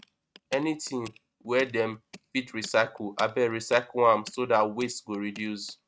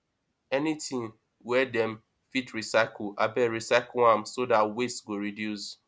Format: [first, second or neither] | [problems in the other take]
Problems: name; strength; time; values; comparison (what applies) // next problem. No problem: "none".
second | noise reduction (neural mask model RNNoise)